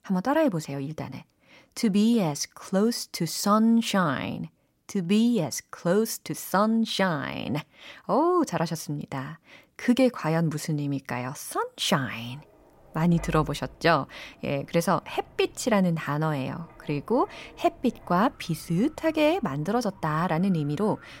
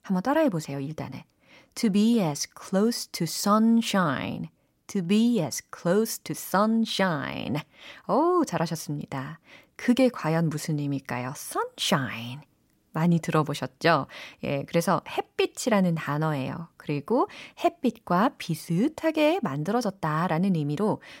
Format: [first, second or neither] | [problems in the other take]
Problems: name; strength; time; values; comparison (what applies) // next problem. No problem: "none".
second | wind in the background; faint; from 12 s on; 25 dB below the speech